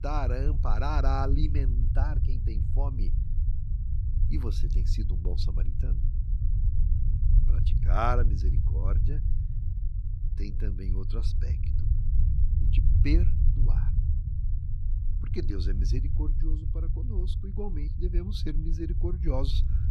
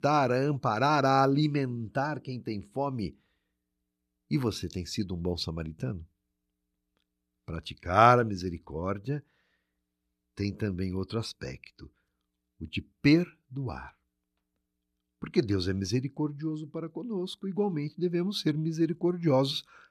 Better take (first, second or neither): second